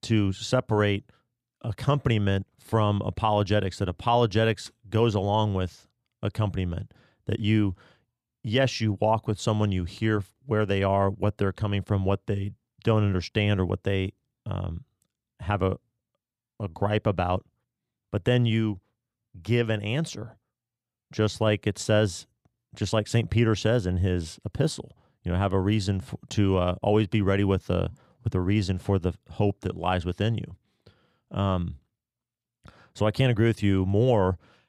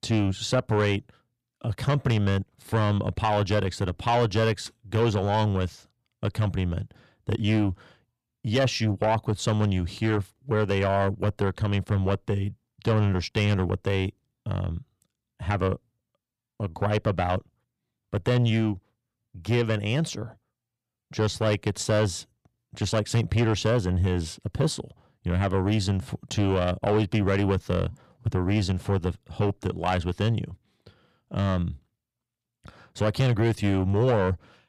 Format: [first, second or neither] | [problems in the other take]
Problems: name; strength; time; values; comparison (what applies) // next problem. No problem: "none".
first | distortion; slight; 10 dB below the speech